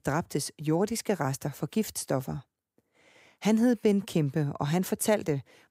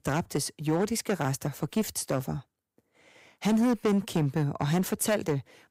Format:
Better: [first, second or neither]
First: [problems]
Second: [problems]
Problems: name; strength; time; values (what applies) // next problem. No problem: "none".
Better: first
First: none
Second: distortion; slight; 6% of the sound clipped